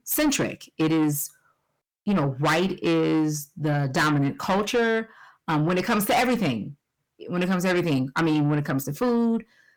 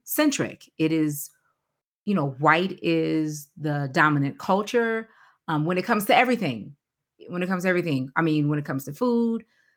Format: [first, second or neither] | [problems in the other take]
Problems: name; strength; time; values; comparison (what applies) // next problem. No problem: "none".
second | distortion; heavy; 7 dB below the speech